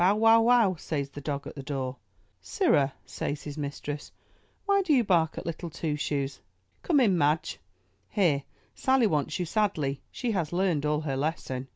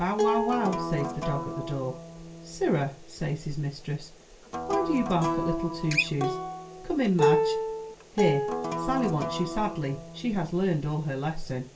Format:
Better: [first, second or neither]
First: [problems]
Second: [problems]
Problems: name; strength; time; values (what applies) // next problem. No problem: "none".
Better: first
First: none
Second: background sound (Acoustic guitar); 2 dB below the speech // room echo; dies away in 0.2 s